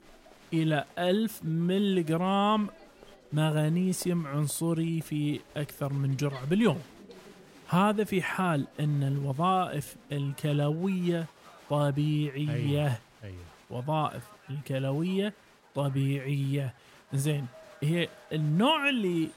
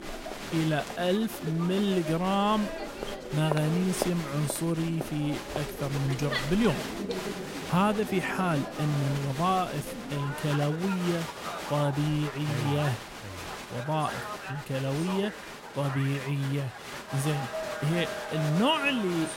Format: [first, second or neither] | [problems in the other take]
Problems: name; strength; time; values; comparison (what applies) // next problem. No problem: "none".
first | crowd noise; loud; throughout; 7 dB below the speech; faint in the first